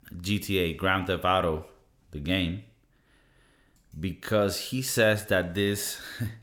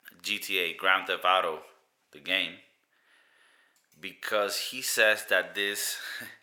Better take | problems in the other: first | thin; very; fading below 600 Hz

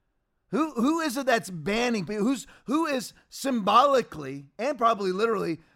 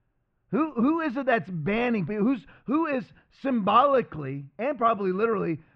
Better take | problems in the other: first | muffled; very; fading above 2.5 kHz

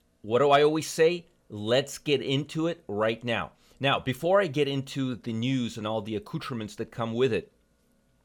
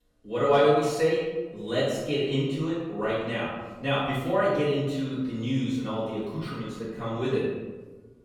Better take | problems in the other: first | room echo; noticeable; dies away in 1.1 s // off-mic speech; far

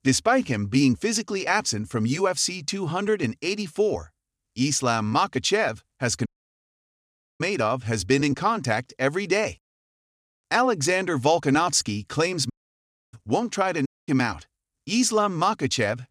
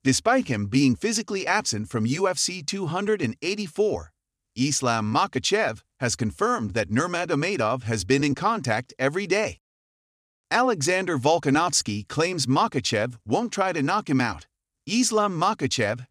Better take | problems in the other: second | audio cutting out; at 6.5 s for 1 s, at 13 s for 0.5 s and at 14 s

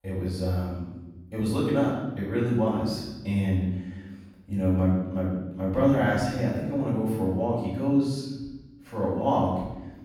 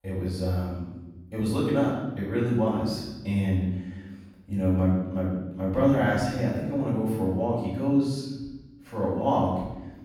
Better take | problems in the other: neither | off-mic speech; far; the same in both // room echo; strong; dies away in 1.1 s; the same in both

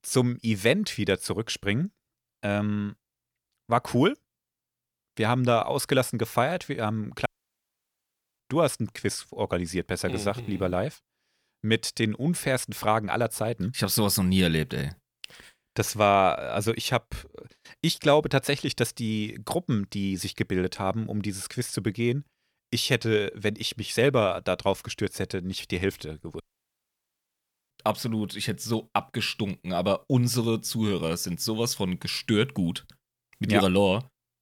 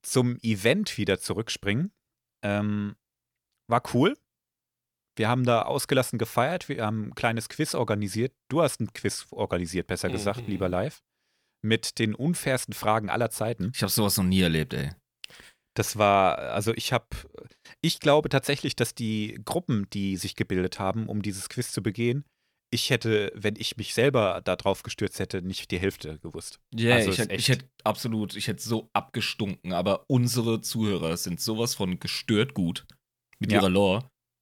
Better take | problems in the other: second | audio cutting out; at 7.5 s for 1 s and at 26 s for 1.5 s

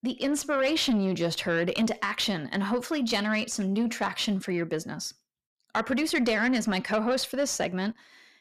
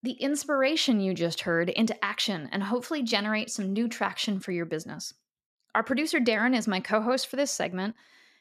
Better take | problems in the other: second | distortion; slight; 10 dB below the speech

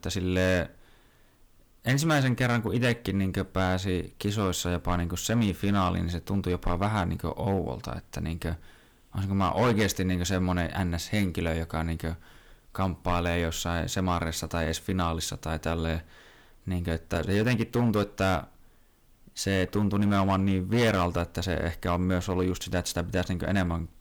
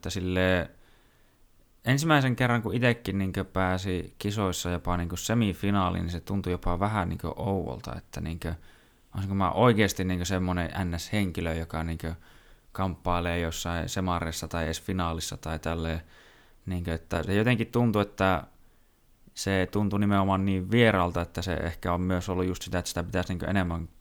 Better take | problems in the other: second | distortion; slight; 4% of the sound clipped

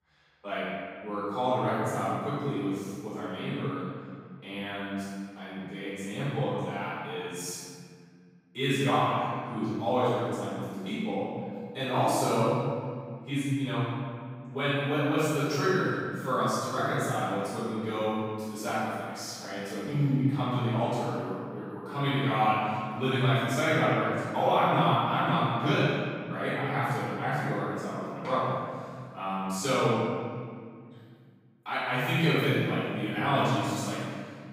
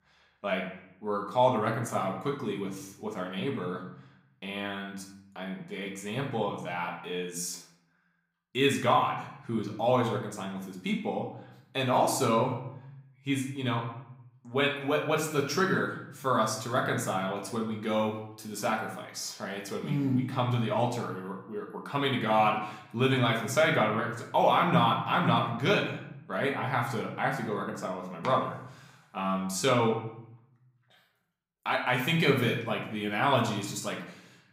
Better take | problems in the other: second | room echo; strong; dies away in 2.1 s; slight in the second // off-mic speech; far; somewhat distant in the second

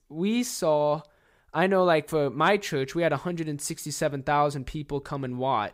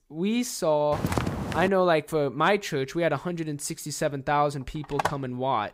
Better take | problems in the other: first | footsteps; noticeable; at 1 s; peak 2 dB below the speech // phone ringing; noticeable; at 5 s; peak 4 dB below the speech

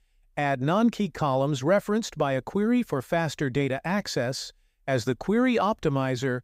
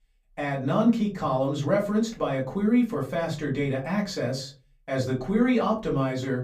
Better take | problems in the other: first | off-mic speech; far // room echo; very slight; dies away in 0.3 s

